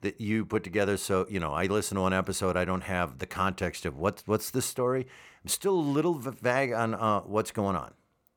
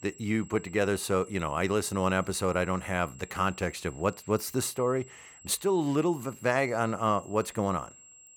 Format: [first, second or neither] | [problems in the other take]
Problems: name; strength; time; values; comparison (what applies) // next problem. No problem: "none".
first | high-pitched whine; faint; throughout; 7.5 kHz, 20 dB below the speech